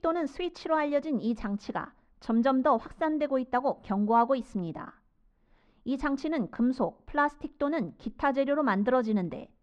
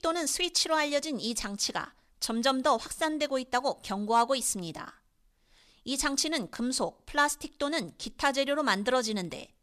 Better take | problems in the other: second | muffled; very; fading above 1.5 kHz

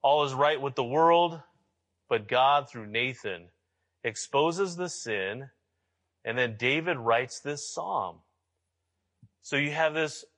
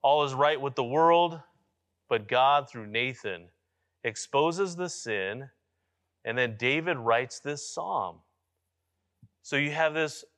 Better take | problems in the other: second | garbled, watery; slightly

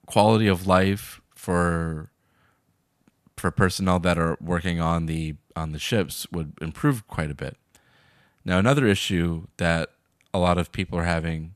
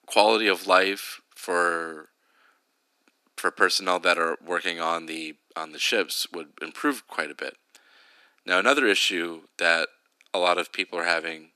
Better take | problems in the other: first | thin; very; fading below 300 Hz

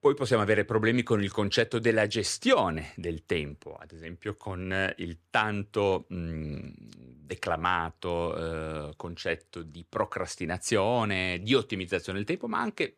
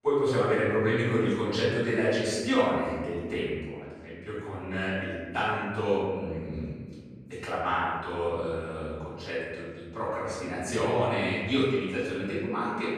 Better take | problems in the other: first | off-mic speech; far // room echo; strong; dies away in 1.5 s

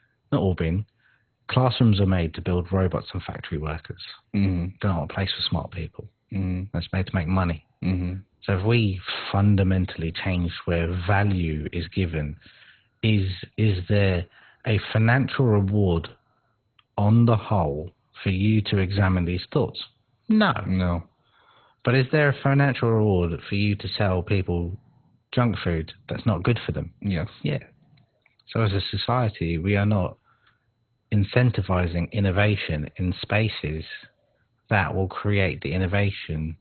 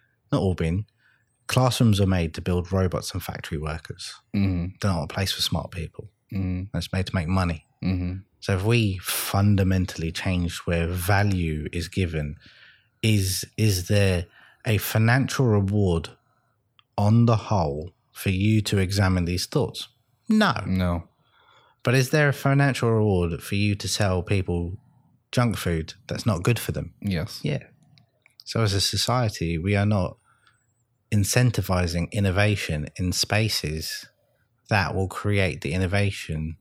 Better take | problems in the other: second | garbled, watery; badly; nothing above 4 kHz

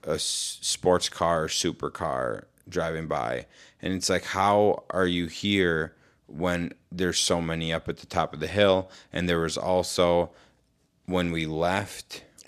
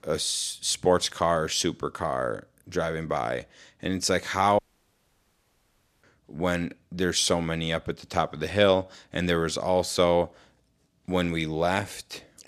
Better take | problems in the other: first | audio cutting out; at 4.5 s for 1.5 s

